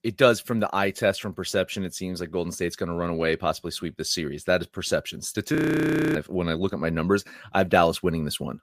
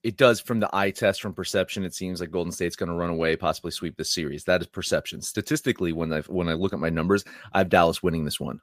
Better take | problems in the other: second | audio freezing; at 5.5 s for 0.5 s

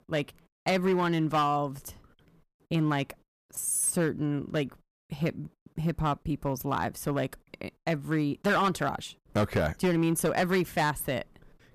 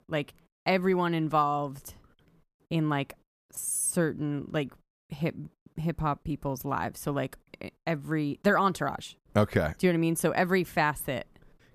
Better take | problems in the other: second | distortion; slight; 5% of the sound clipped

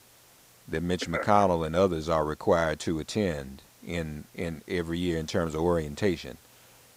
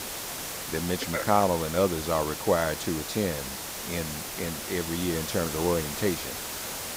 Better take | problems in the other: first | hiss; loud; throughout; 5 dB below the speech; faint in the first

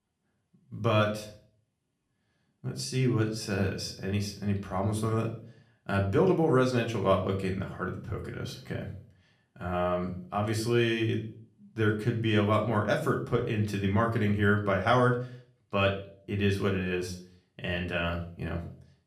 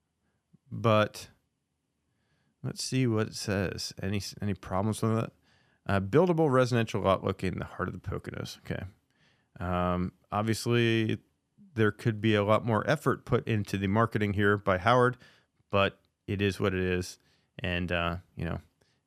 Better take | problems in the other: second | room echo; slight; dies away in 0.4 s // off-mic speech; somewhat distant

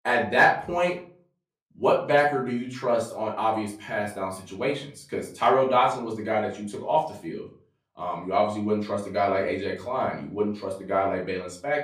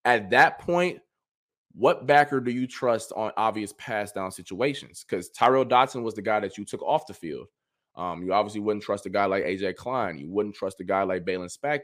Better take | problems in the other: second | off-mic speech; far // room echo; slight; dies away in 0.3 s

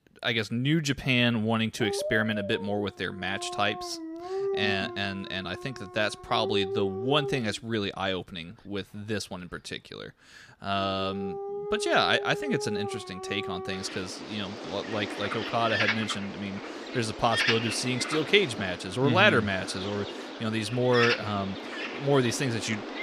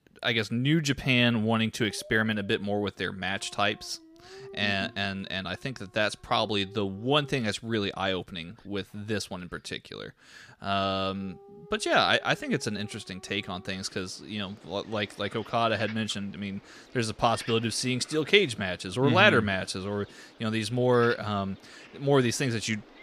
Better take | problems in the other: second | animal sounds; loud; throughout; 6 dB below the speech; faint in the second

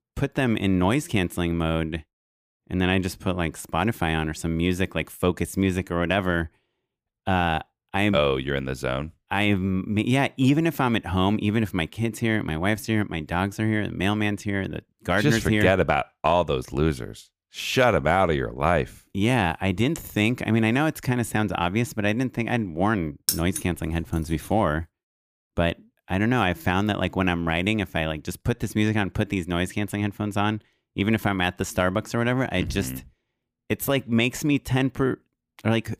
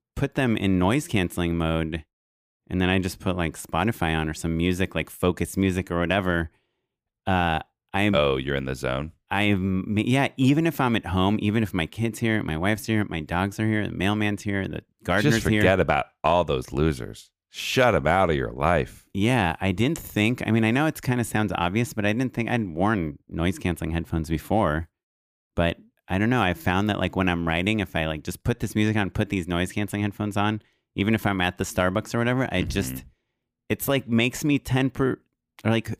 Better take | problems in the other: second | jangling keys; noticeable; at 23 s; peak 1 dB below the speech

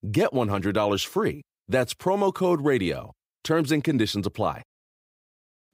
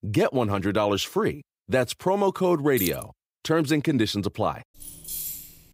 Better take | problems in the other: first | jangling keys; noticeable; at 3 s and at 5 s; peak 6 dB below the speech

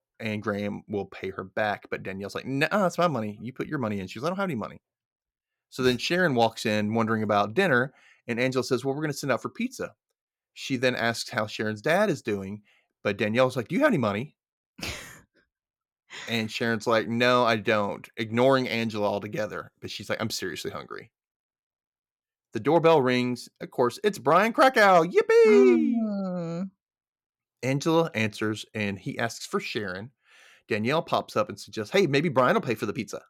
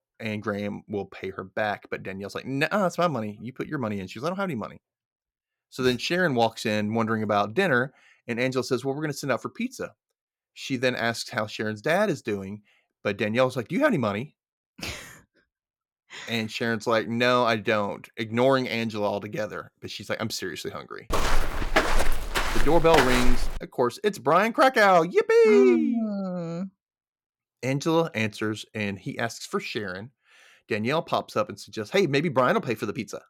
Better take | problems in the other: first | footsteps; loud; from 21 to 24 s; peak 2 dB above the speech

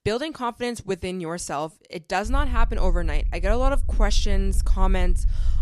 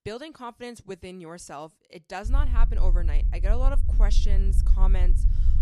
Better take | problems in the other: first | low rumble; loud; from 2.5 s on; 10 dB below the speech; faint in the first

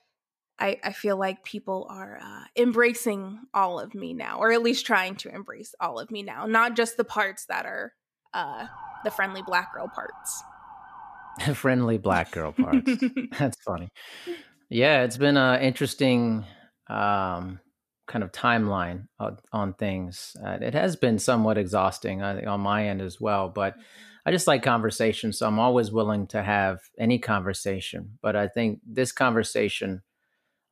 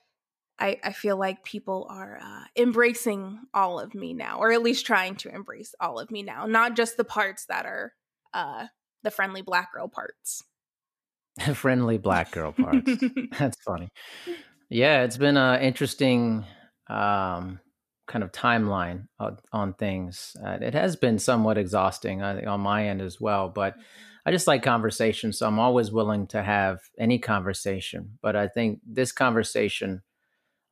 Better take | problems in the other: second | siren; faint; from 8.5 to 11 s; peak 15 dB below the speech

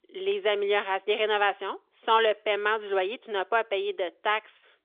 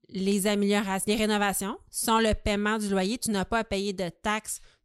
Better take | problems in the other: second | phone-call audio; nothing above 3.5 kHz

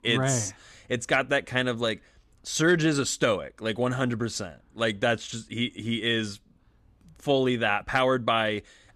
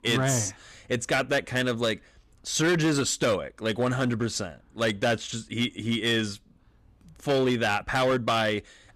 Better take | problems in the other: first | distortion; slight; 7% of the sound clipped

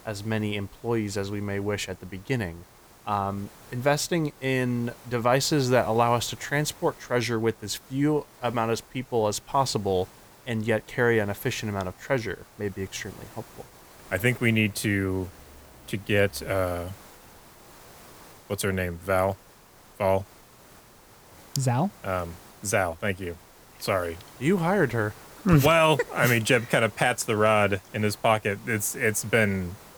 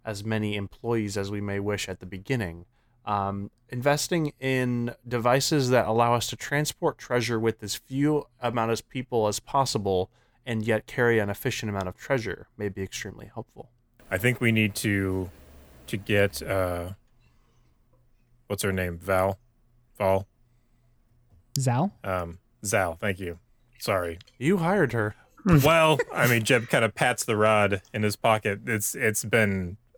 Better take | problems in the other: second | hiss; faint; throughout; 25 dB below the speech

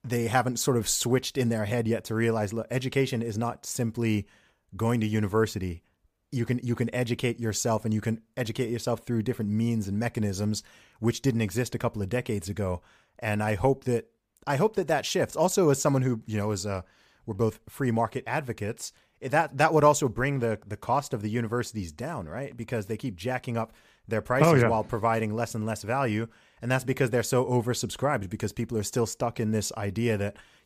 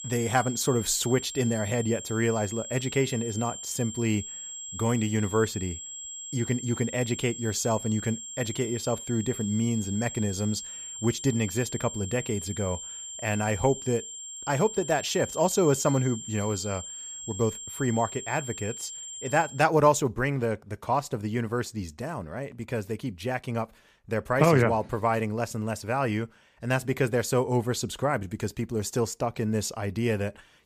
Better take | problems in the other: first | high-pitched whine; loud; until 20 s; 7.5 kHz, 9 dB below the speech

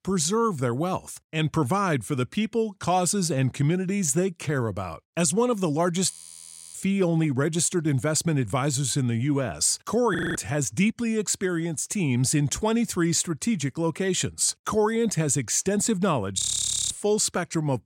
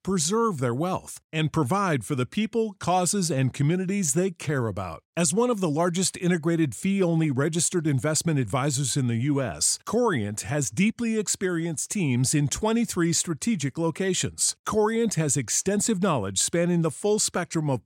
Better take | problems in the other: second | audio freezing; at 6 s for 0.5 s, at 10 s and at 16 s for 0.5 s

